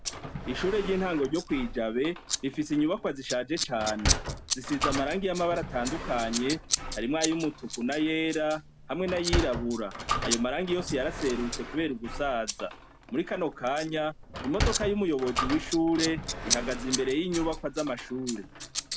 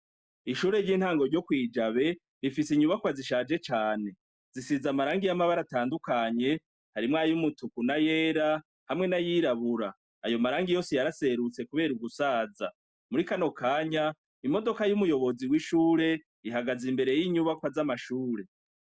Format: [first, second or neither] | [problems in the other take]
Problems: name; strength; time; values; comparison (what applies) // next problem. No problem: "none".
second | background sound (Sliding door + Scissors); 4 dB below the speech